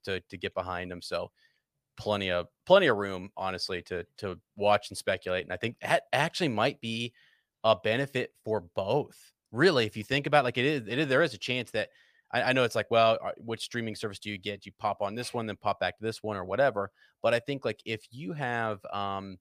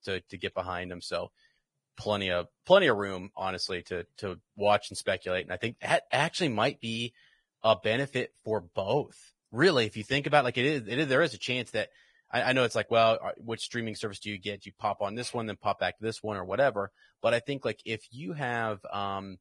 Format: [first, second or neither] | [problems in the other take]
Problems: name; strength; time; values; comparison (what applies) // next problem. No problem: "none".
first | garbled, watery; badly; nothing above 10.5 kHz